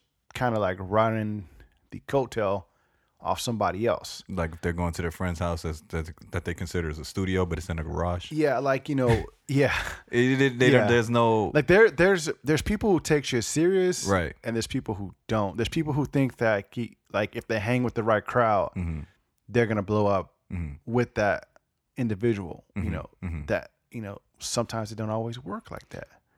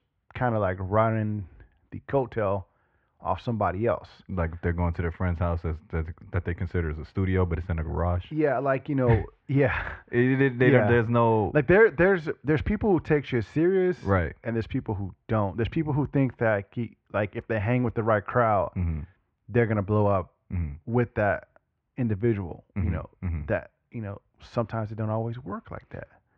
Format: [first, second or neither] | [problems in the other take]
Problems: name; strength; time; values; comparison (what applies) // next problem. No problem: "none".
first | muffled; very; fading above 2.5 kHz